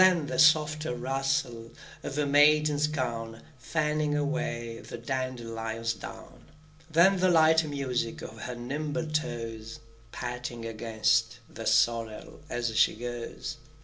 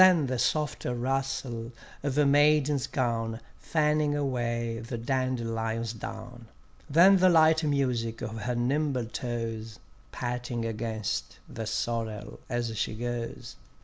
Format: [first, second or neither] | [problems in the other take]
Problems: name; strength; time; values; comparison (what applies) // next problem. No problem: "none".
second | room echo; dies away in 0.2 s